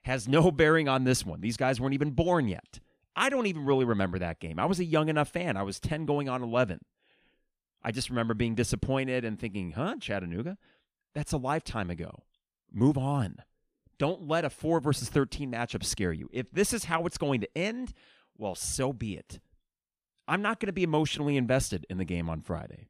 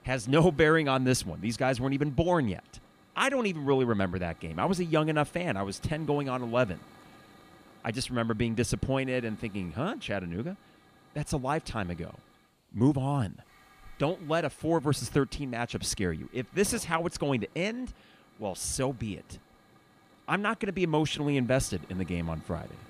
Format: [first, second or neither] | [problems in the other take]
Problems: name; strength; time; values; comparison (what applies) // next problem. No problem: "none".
first | hiss; faint; throughout; 25 dB below the speech